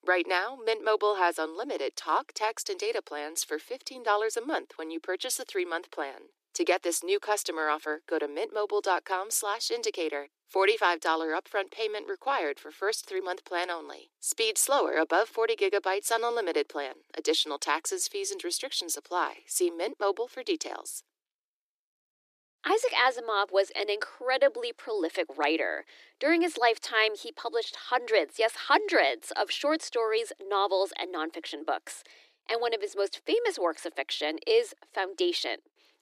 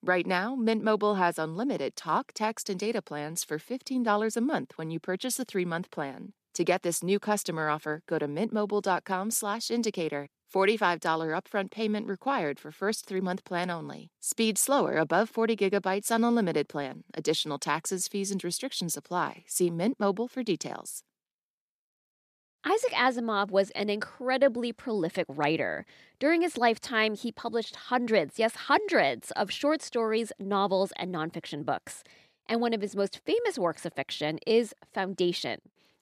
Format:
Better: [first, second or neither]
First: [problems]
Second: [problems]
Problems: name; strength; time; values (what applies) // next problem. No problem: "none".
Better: second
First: thin; very; fading below 300 Hz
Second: none